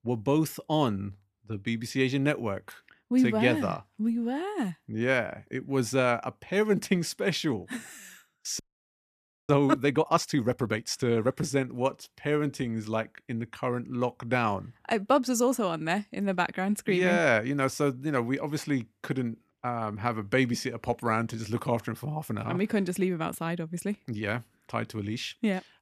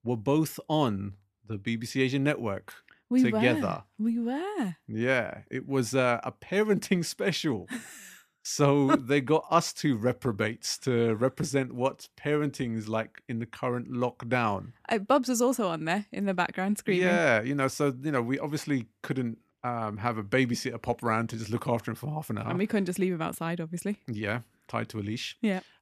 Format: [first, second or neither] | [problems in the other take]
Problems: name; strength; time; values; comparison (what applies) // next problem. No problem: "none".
second | audio freezing; at 8.5 s for 1 s